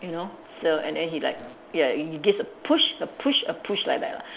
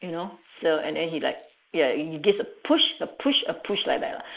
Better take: first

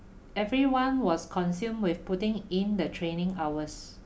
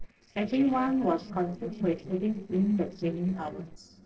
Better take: first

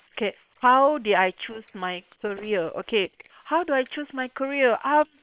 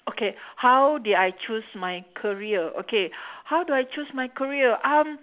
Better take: second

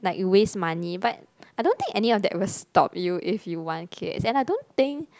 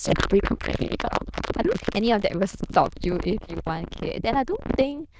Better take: first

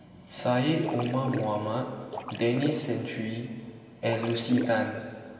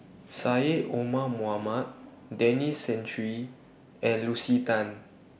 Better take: second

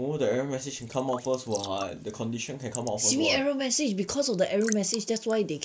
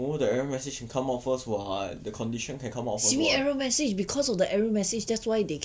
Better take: second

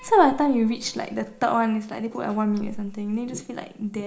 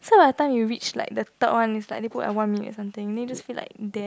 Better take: second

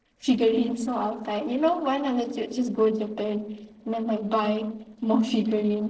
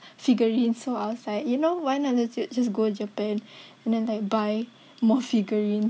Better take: second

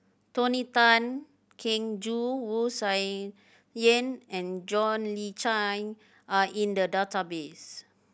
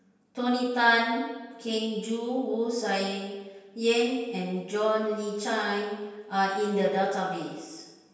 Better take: first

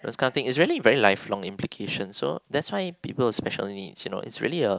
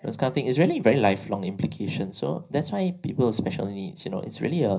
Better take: first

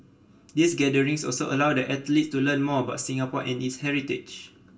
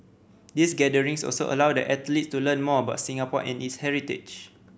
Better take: second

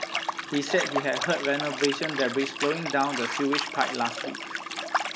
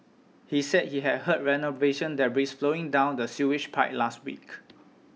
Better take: second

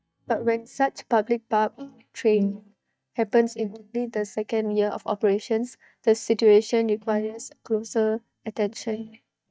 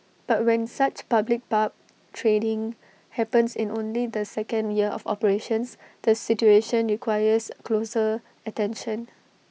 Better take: second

